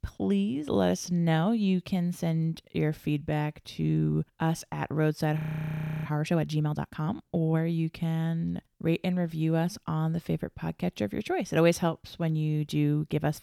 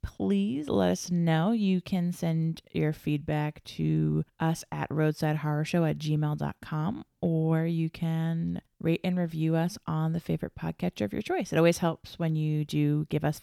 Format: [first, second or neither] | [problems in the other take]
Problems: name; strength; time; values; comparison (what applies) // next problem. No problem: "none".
second | audio freezing; at 5.5 s for 0.5 s